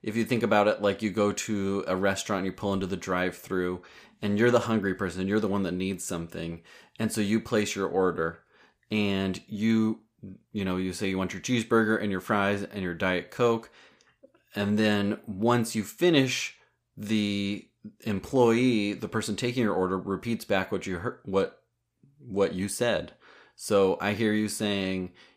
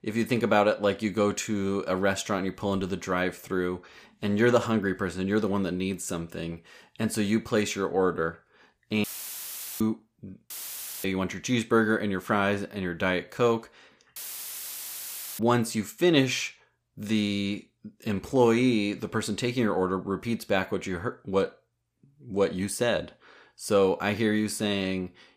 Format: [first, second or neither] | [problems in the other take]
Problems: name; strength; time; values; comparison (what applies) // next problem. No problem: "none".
first | audio cutting out; filled with static; at 9 s for 1 s, at 11 s for 0.5 s and at 14 s for 1 s